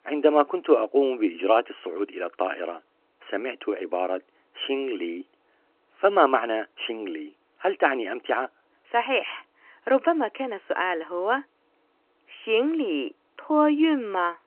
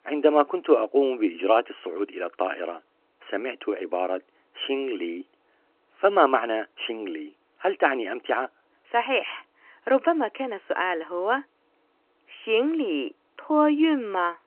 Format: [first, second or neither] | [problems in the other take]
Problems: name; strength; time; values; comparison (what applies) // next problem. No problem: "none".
neither | phone-call audio; nothing above 3 kHz; the same in both